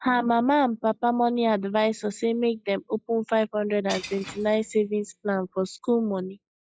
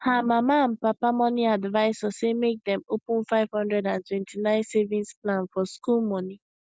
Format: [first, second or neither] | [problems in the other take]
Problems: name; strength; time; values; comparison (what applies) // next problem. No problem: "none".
second | noise reduction (classical method log-MMSE)